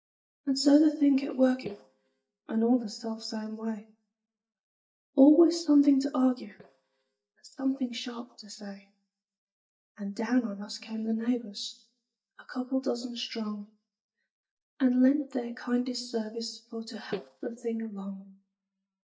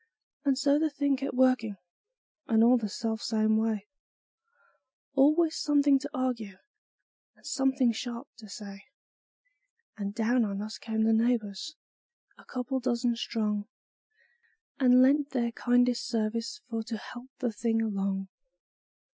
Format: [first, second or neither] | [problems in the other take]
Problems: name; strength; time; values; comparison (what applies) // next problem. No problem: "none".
second | noise reduction (neural mask model DeepFilterNet 3)